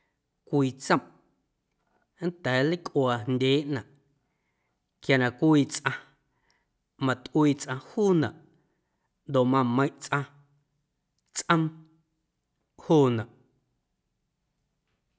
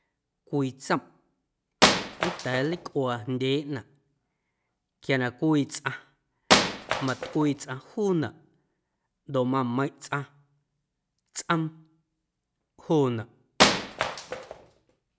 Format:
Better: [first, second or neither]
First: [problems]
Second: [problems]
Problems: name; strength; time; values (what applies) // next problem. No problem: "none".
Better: first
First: none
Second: background sound (Wood); 4 dB above the speech